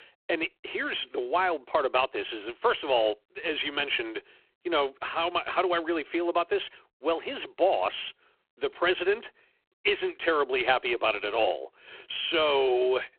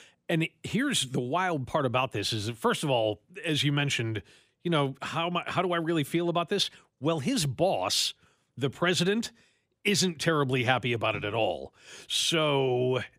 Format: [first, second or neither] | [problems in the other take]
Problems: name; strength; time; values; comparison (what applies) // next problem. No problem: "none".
second | phone-call audio; poor line